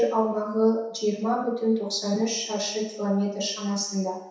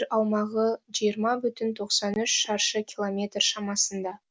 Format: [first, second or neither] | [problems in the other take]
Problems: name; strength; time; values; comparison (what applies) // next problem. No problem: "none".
second | room echo; dies away in 0.7 s